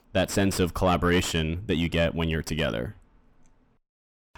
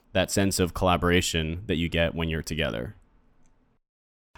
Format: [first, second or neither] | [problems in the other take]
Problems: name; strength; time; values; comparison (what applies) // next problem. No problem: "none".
second | distortion; slight; 10 dB below the speech